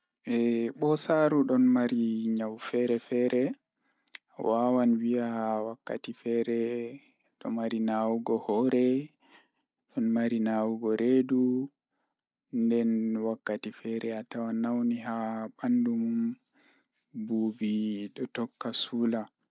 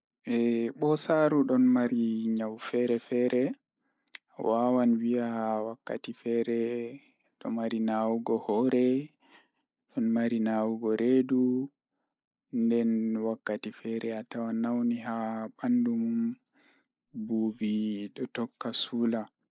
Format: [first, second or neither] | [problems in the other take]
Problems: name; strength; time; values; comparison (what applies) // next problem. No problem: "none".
first | noise reduction (neural mask model Resemble Enhance denoiser)